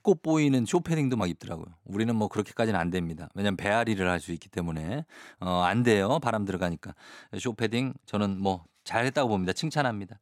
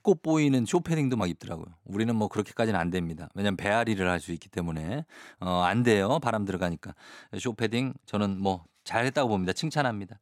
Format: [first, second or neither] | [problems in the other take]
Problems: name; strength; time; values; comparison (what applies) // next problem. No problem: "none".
neither | none